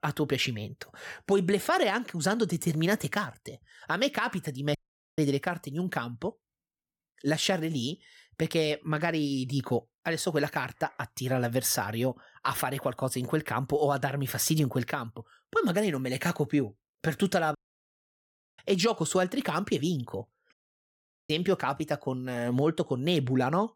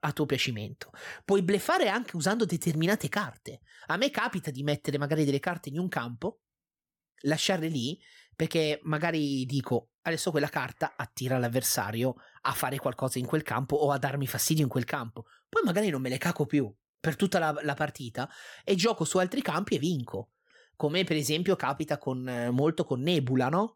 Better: second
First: audio cutting out; at 5 s, at 18 s for 1 s and at 21 s for 1 s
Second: none

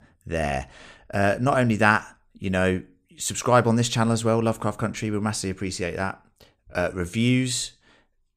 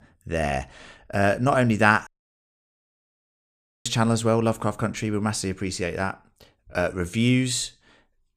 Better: first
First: none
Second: audio cutting out; at 2 s for 2 s

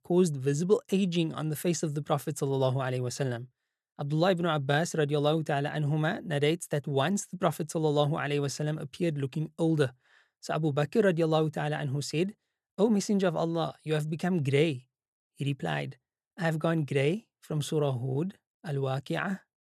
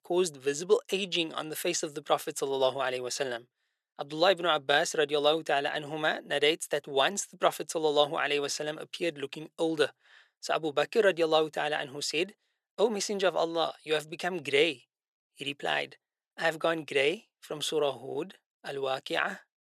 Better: first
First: none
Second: thin; very; fading below 500 Hz

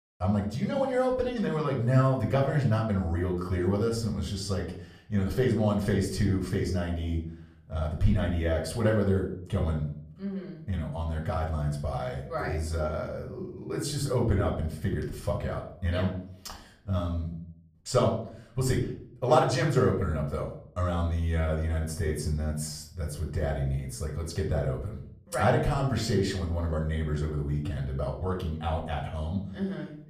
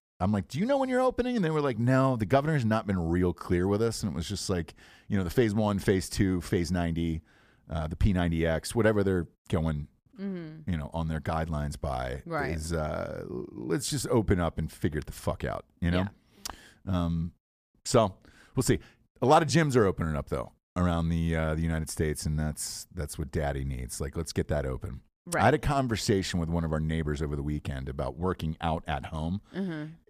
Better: second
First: off-mic speech; far // room echo; slight; dies away in 0.5 s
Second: none

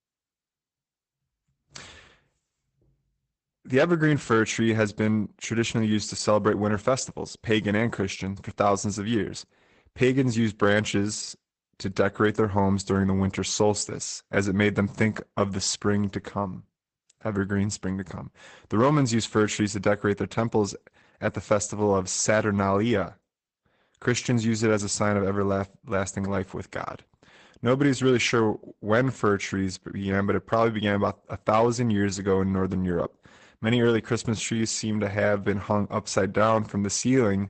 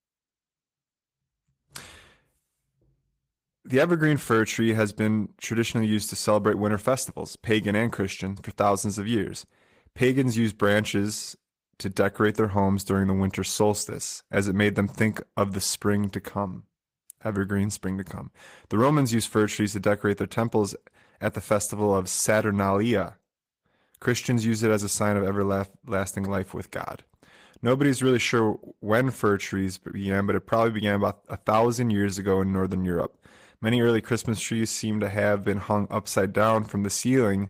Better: second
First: garbled, watery; badly; nothing above 8 kHz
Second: garbled, watery; slightly; nothing above 15.5 kHz

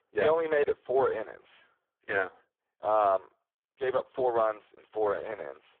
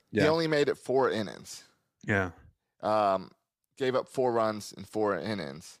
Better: second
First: phone-call audio; poor line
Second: none

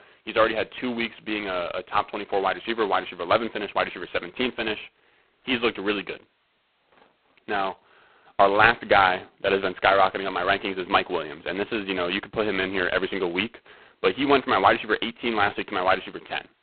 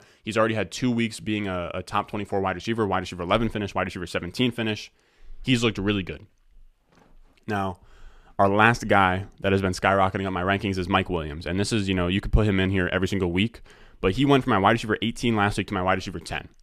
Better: second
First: phone-call audio; poor line; nothing above 4 kHz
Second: none

